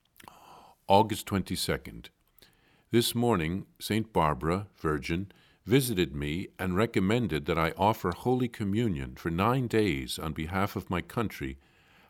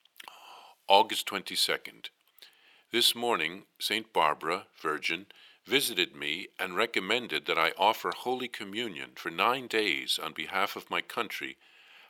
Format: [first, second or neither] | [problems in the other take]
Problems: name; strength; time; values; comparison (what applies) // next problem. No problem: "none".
first | thin; somewhat; fading below 500 Hz